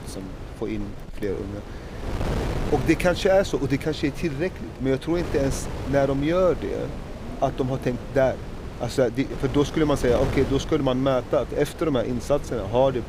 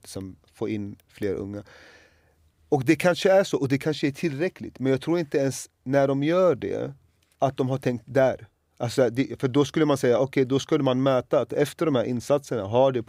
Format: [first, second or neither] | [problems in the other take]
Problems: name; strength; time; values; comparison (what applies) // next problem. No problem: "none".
second | wind noise on the microphone; occasional gusts; 10 dB below the speech